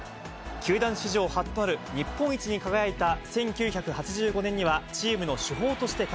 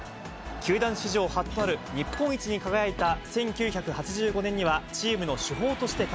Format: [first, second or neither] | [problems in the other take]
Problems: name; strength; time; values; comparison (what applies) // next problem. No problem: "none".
first | background sound (Glass + Slam); 16 dB below the speech